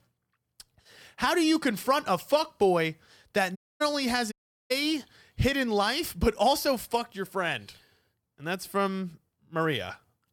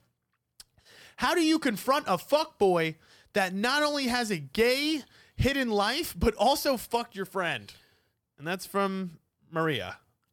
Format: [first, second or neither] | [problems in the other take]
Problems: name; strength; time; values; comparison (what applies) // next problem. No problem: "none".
second | audio cutting out; at 3.5 s and at 4.5 s